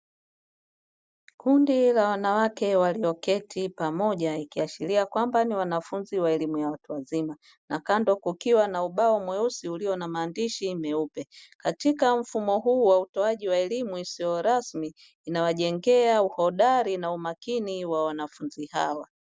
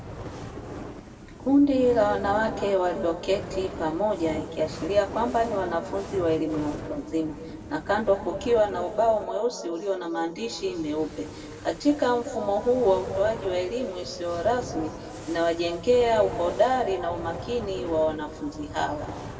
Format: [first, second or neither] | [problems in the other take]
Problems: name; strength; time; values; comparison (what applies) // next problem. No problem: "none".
first | background sound (Fire); 13 dB below the speech // room echo; dies away in 2.2 s